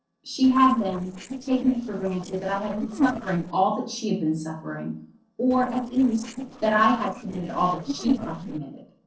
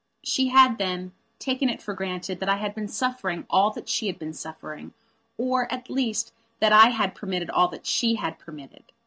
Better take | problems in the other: second | noise reduction (neural separator model SepFormer DNS4)

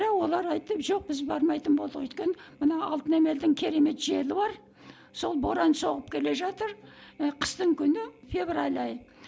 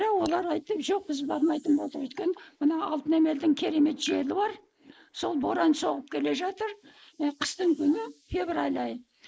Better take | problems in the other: first | noise reduction (neural mask model Resemble Enhance denoiser)

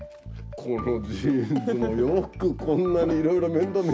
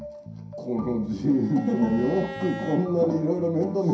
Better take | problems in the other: first | background sound (Bowed string instrument); 15 dB below the speech // room echo; dies away in 0.5 s

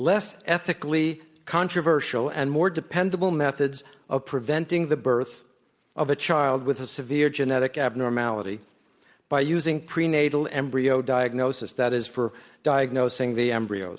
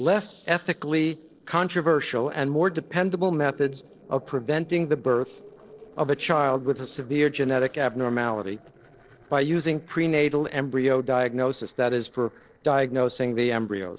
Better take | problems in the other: first | noise reduction (neural separator model SepFormer DNS4)

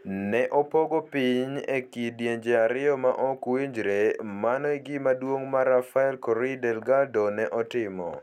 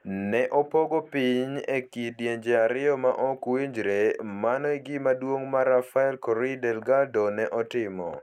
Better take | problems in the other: first | noise reduction (neural mask model Resemble Enhance denoiser)

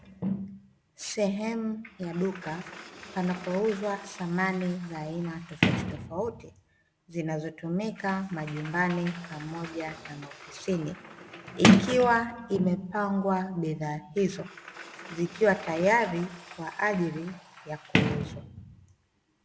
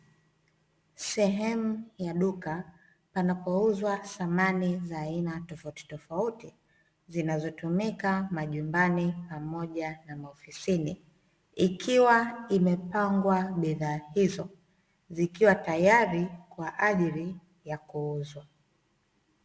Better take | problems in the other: second | background sound (Sliding door); 3 dB below the speech

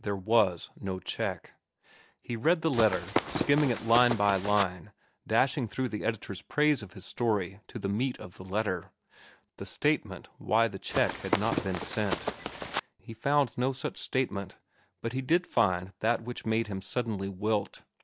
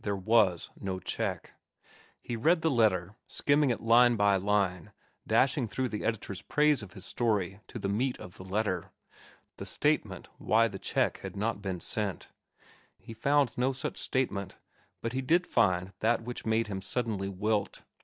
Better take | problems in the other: second | background sound (Run); 4 dB below the speech

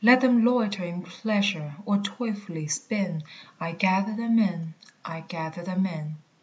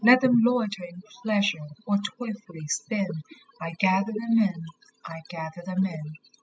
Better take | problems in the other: first | noise reduction (classical method spectral subtraction)

